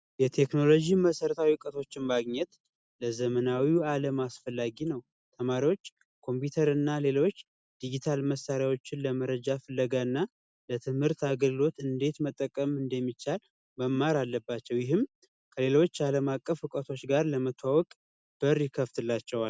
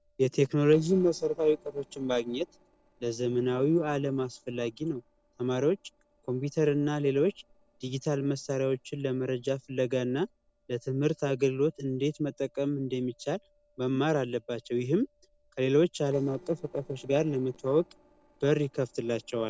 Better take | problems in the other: first | noise reduction (neural separator model SepFormer DNS4)

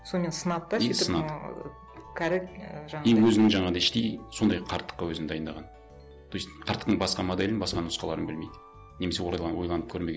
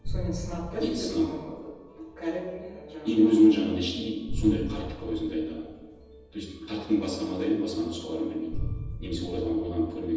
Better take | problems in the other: first | background sound (Boom); 9 dB below the speech // room echo; dies away in 1.1 s

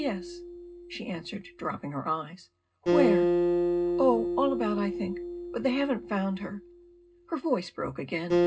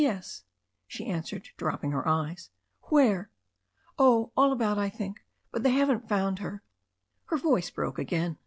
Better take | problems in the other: second | background sound (Acoustic guitar); 1 dB above the speech // room echo; dies away in 0.2 s

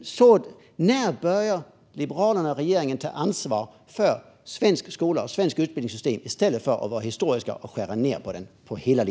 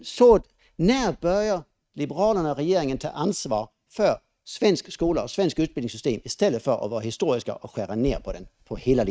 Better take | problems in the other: first | noise reduction (neural mask model RNNoise)

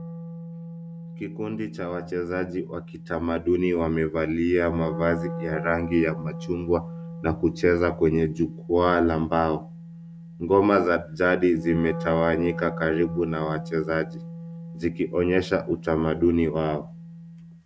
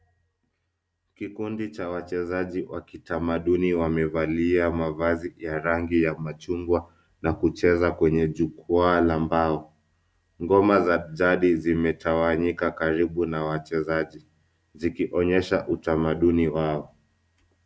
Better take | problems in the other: second | background sound (Wind instrument, woodwind instrument); 11 dB below the speech

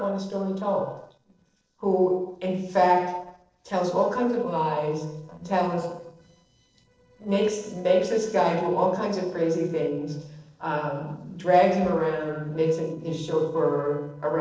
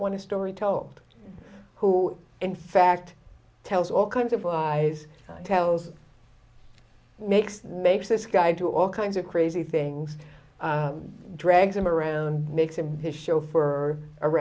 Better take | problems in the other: second | noise reduction (neural separator model SepFormer DNS4)

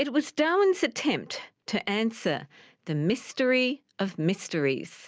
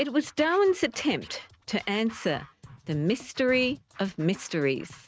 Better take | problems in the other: first | noise reduction (neural mask model RNNoise)

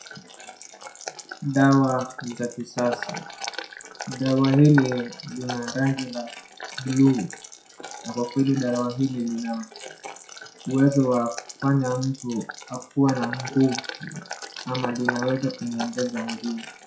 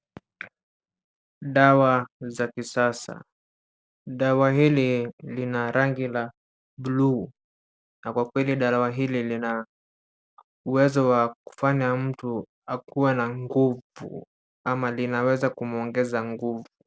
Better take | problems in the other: second | noise reduction (classical method WPE with log-MMSE)

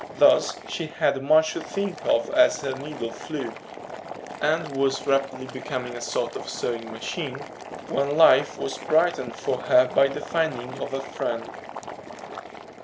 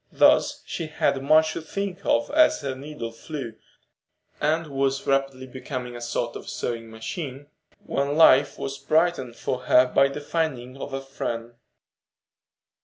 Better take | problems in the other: second | background sound (Boiling); 12 dB below the speech

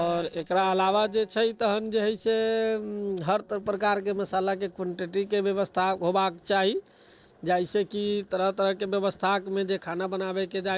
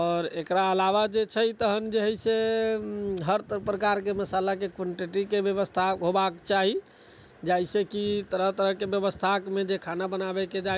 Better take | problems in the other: second | noise reduction (neural separator model SepFormer DNS4)

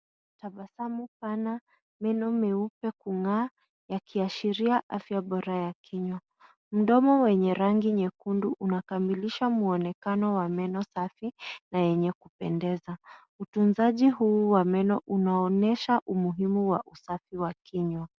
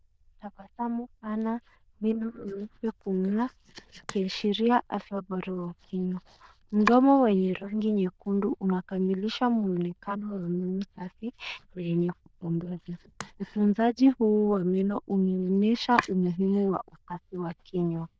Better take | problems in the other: first | noise reduction (neural diffusion model UNIVERSE++)

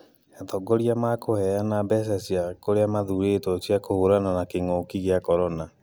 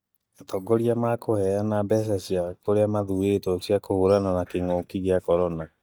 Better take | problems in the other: first | noise reduction (neural mask model DeepFilterNet 3)

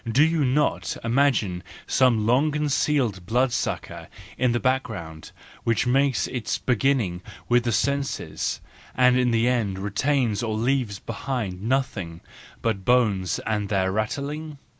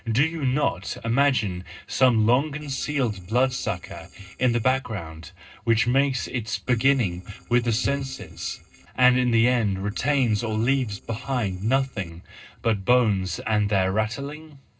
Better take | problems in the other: first | noise reduction (neural separator model SepFormer DNS4)

